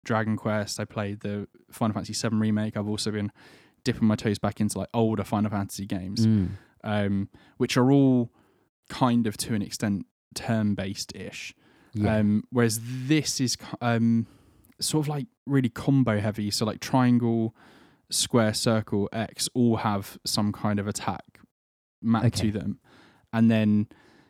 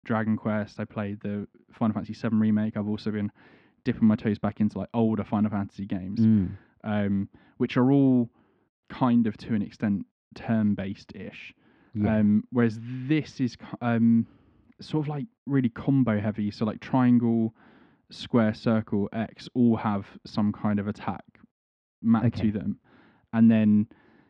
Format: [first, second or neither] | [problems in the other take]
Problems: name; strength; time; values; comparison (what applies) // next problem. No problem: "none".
first | muffled; slightly; fading above 3 kHz